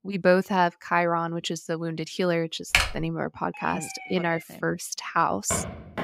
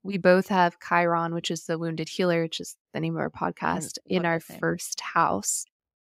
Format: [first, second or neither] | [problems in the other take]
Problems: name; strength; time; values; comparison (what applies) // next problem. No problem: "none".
second | keyboard typing; loud; at 2.5 s; peak 4 dB above the speech // siren; faint; at 3.5 s; peak 10 dB below the speech // footsteps; noticeable; at 5.5 s; peak 6 dB below the speech